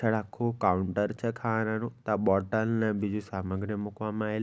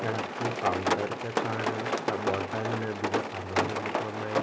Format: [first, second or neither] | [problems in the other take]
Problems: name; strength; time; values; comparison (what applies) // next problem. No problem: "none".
first | background sound (Rain); 4 dB above the speech // room echo; dies away in 0.7 s